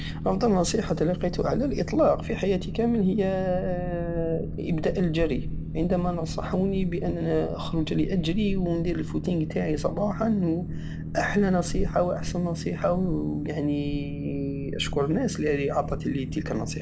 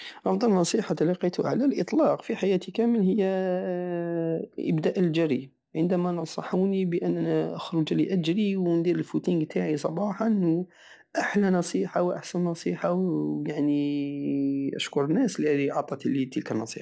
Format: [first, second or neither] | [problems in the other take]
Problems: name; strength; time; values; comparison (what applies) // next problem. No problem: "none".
second | background sound (Boat, Water vehicle); 6 dB below the speech // room echo; dies away in 1.3 s